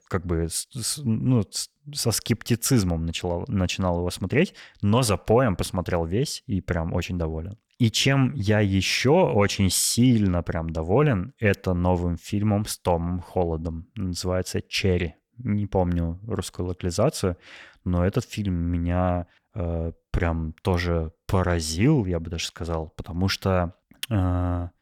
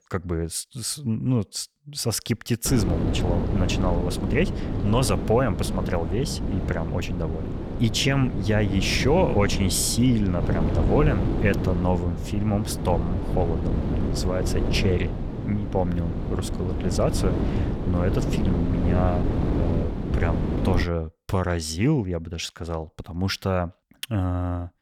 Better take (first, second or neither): first